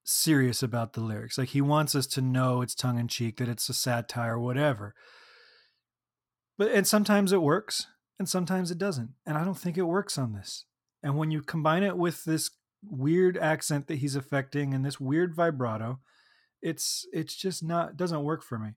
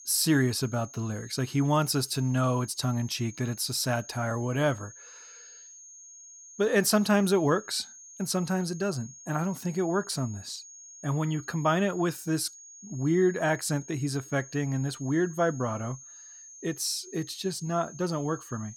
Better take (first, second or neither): first